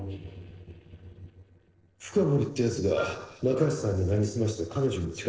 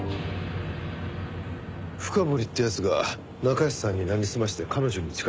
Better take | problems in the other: second | noise reduction (neural separator model SepFormer DNS4)

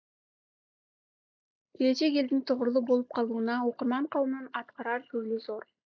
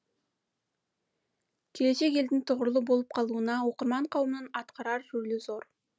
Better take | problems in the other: second | noise reduction (neural mask model Resemble Enhance denoiser)

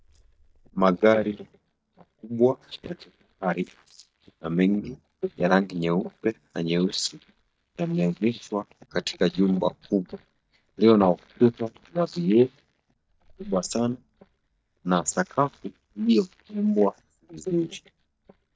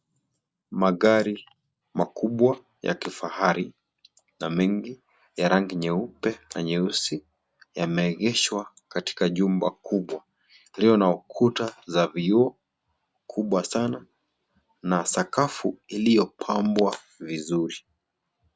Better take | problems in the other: second | noise reduction (neural mask model DeepFilterNet 3)

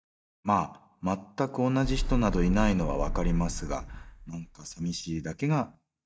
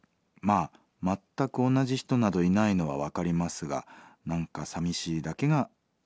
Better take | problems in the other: second | noise reduction (neural mask model DeepFilterNet 3)

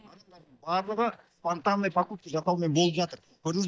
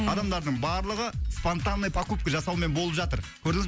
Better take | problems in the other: second | noise reduction (neural mask model DeepFilterNet 3)

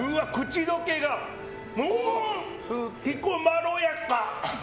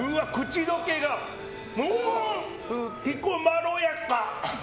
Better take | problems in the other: first | background sound (Breathing); 16 dB below the speech

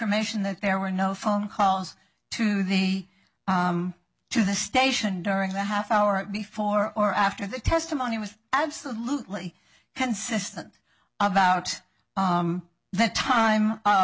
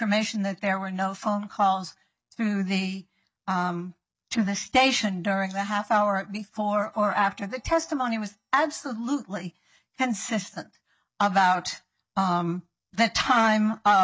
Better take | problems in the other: first | noise reduction (neural mask model DeepFilterNet 3)

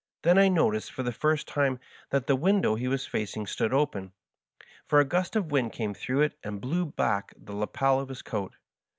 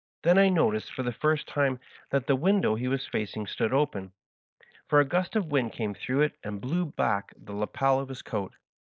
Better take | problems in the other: first | noise reduction (neural mask model Resemble Enhance denoiser)

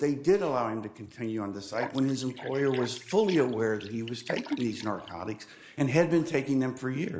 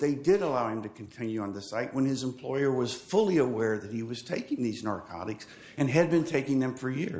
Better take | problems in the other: second | noise reduction (neural mask model Resemble Enhance denoiser)

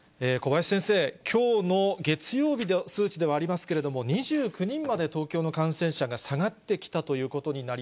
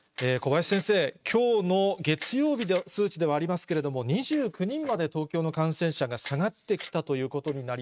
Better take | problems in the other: first | noise reduction (neural mask model RNNoise)

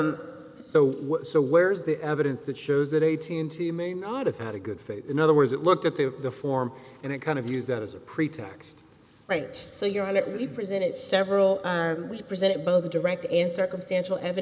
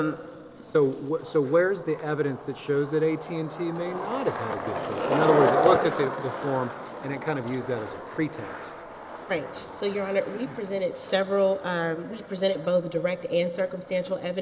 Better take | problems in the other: first | background sound (Skateboard); 5 dB below the speech

